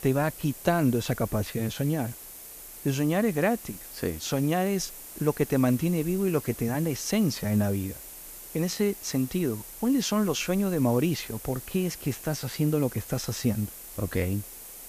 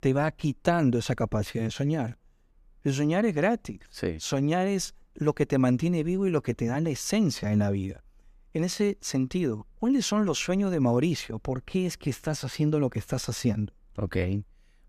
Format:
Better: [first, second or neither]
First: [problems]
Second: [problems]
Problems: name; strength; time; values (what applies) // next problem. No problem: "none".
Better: second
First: hiss; noticeable; throughout; 15 dB below the speech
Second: none